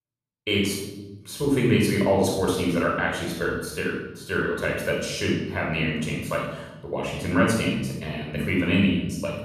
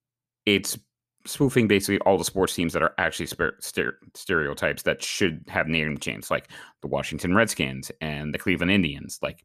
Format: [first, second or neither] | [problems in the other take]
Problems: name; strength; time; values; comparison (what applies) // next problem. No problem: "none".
second | off-mic speech; far // room echo; noticeable; dies away in 1.2 s